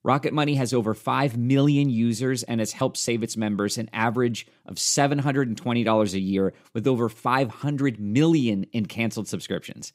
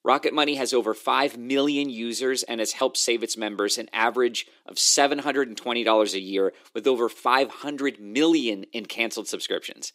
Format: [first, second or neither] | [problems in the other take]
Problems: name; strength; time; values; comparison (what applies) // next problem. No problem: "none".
first | thin; somewhat; fading below 350 Hz